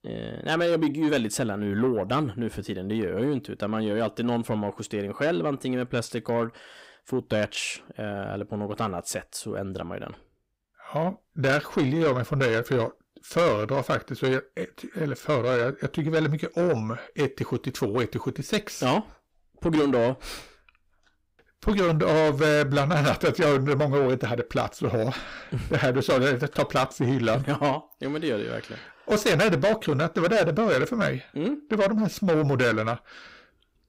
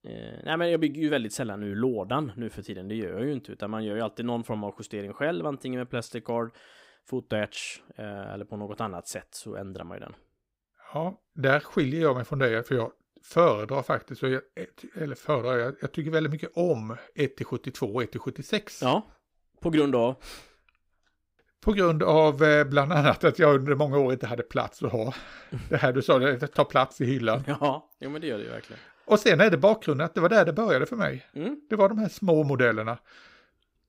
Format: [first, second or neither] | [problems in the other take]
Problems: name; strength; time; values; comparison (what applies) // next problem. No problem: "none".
second | distortion; heavy; 7 dB below the speech